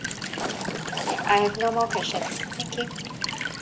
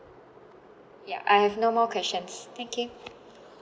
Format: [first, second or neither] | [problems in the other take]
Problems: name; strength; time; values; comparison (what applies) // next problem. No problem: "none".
second | background sound (Walk, footsteps / Stream / Trickle, dribble / Chirp, tweet); 2 dB below the speech